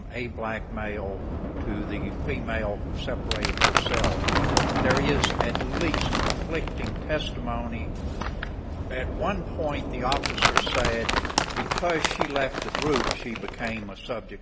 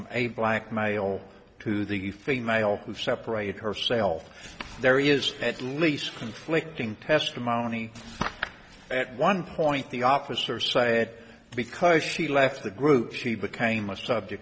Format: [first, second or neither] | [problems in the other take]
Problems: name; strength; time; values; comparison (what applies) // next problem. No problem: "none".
second | background sound (Crumpling, crinkling + Subway, metro, underground / Train); 4 dB above the speech